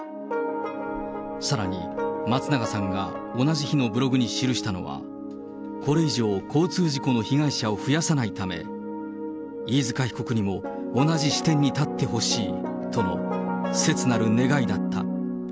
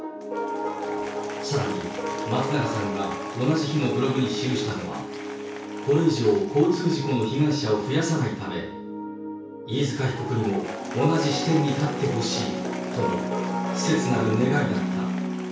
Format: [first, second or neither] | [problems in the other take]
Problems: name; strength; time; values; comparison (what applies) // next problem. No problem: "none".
first | background sound (Applause / Crowd); 16 dB below the speech // room echo; dies away in 0.6 s